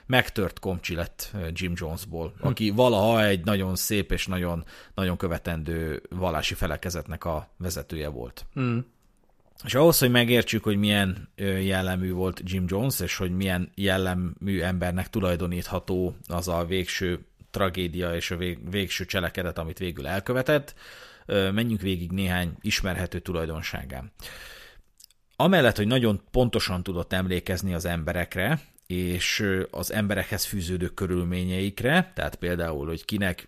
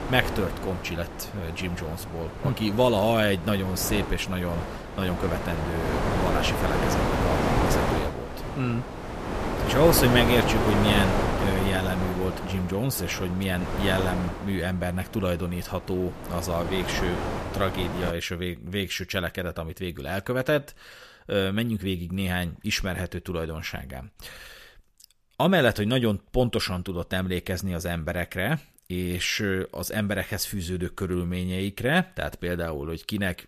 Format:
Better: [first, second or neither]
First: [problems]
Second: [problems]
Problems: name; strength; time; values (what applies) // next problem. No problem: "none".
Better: first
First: none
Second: wind noise on the microphone; heavy; until 18 s; 1 dB below the speech